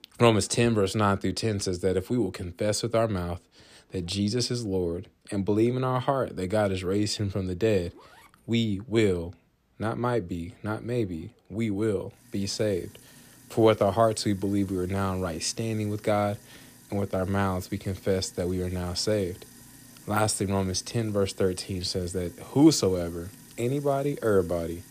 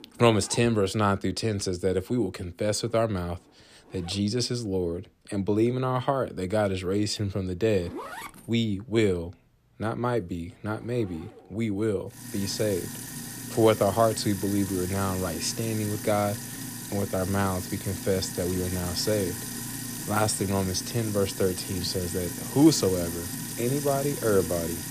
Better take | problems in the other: first | household noises; loud; throughout; 7 dB below the speech; faint in the first

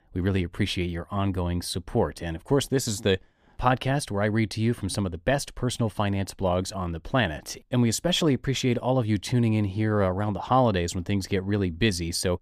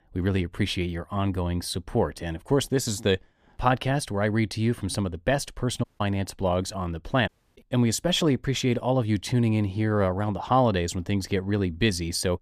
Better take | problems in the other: first | audio cutting out; at 6 s and at 7.5 s

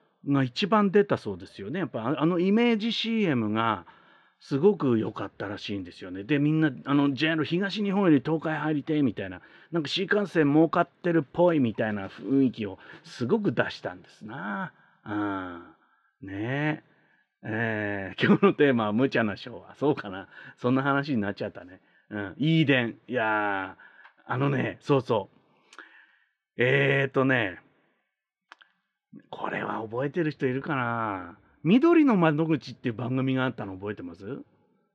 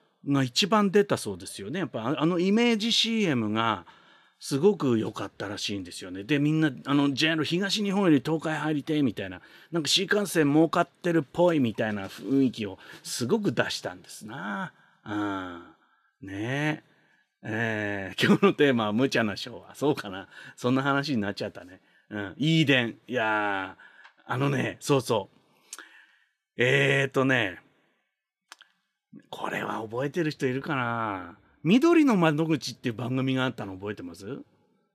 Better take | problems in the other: second | muffled; slightly; fading above 2.5 kHz

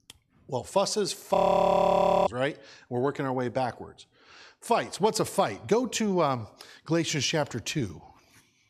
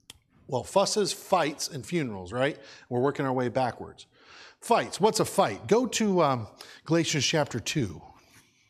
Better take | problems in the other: second | audio freezing; at 1.5 s for 1 s

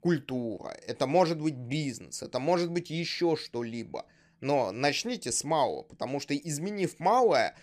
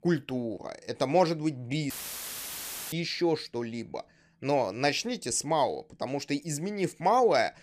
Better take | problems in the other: first | audio cutting out; filled with static; at 2 s for 1 s

